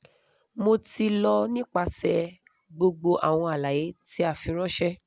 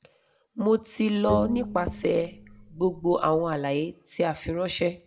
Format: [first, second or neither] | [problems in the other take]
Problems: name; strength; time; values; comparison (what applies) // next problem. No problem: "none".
first | background sound (Bowed string instrument); 9 dB below the speech // room echo; dies away in 0.3 s